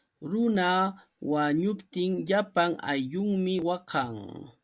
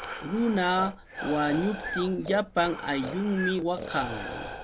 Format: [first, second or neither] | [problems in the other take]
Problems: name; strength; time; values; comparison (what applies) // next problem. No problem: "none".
first | background sound (Breathing + Breathing); 9 dB below the speech